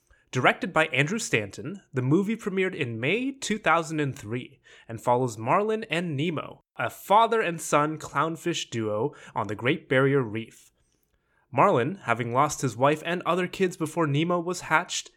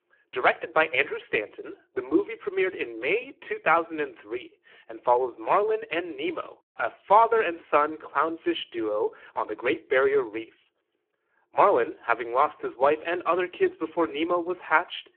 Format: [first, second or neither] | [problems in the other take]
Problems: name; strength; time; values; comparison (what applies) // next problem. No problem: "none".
first | phone-call audio; poor line